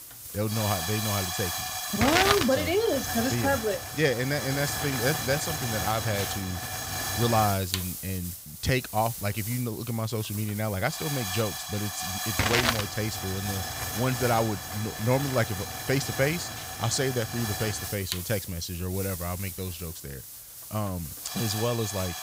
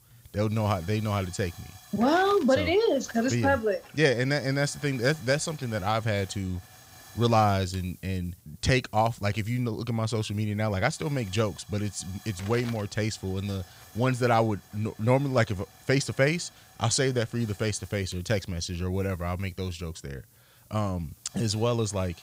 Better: second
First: hiss; loud; throughout; 2 dB below the speech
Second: hiss; faint; throughout; 20 dB below the speech

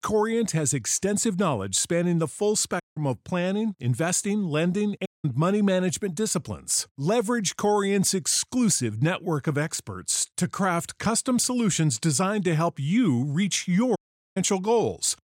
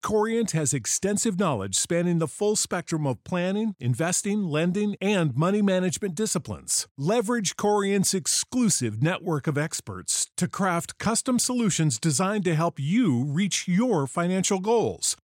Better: second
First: audio cutting out; at 3 s, at 5 s and at 14 s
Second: none

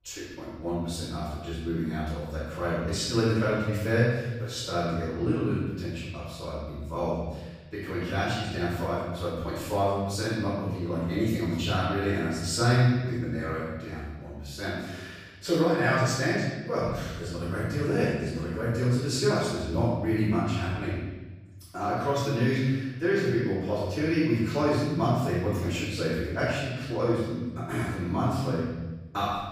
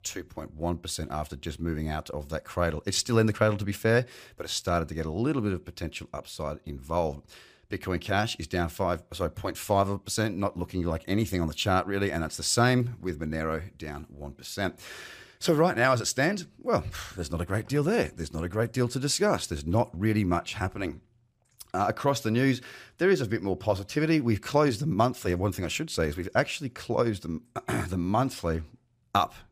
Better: second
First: off-mic speech; far // room echo; strong; dies away in 1.3 s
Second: none

